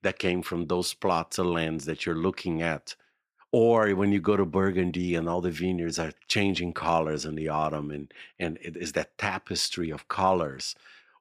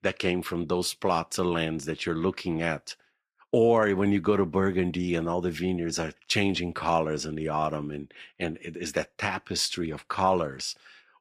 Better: first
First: none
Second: garbled, watery; slightly; nothing above 14.5 kHz

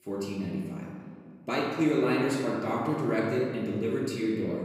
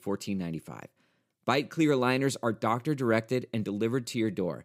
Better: second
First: off-mic speech; far // room echo; noticeable; dies away in 1.8 s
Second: none

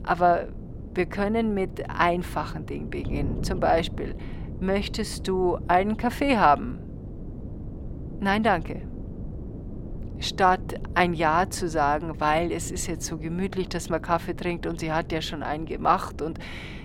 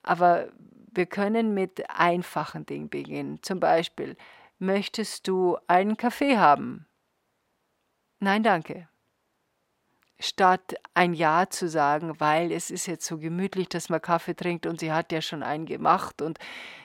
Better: second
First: wind noise on the microphone; occasional gusts; 20 dB below the speech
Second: none

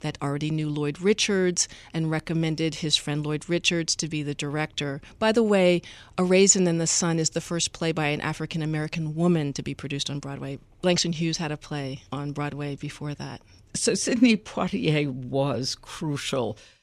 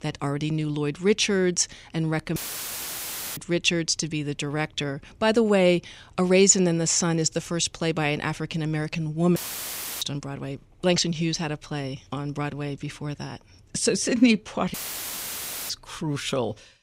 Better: first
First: none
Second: audio cutting out; filled with static; at 2.5 s for 1 s, at 9.5 s for 0.5 s and at 15 s for 1 s

